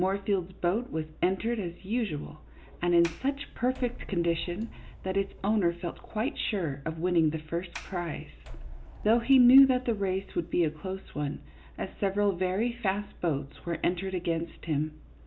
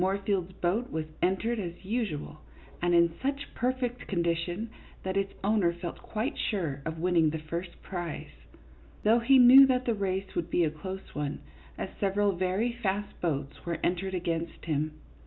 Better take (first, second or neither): second